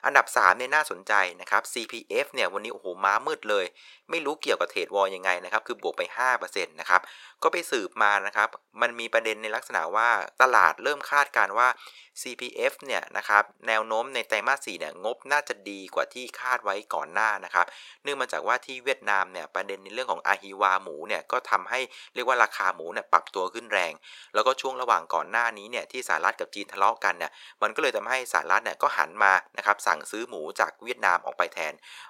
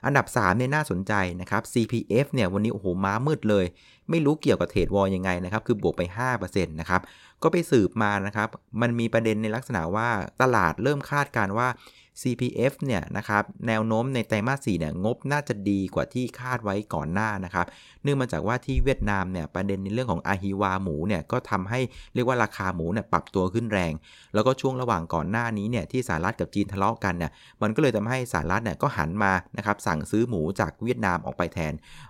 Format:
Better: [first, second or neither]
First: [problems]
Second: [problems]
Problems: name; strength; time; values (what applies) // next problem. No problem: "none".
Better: second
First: thin; very; fading below 550 Hz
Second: none